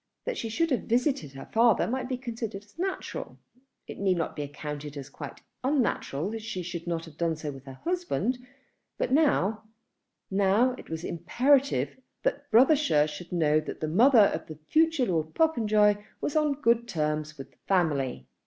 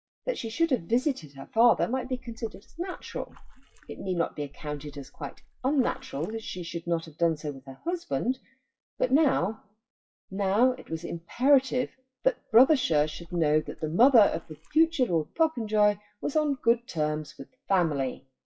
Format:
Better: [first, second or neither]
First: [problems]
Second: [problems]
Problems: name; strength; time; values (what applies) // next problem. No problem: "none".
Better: first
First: none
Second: noise reduction (classical method WPE with log-MMSE)